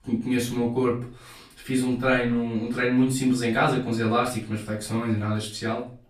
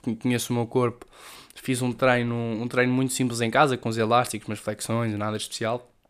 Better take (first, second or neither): second